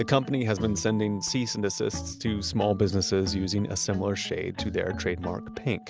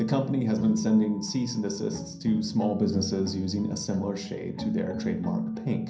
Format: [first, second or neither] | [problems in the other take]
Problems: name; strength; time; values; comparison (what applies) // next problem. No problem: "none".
first | room echo; dies away in 0.6 s